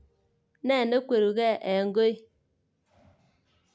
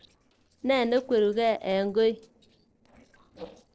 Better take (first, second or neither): first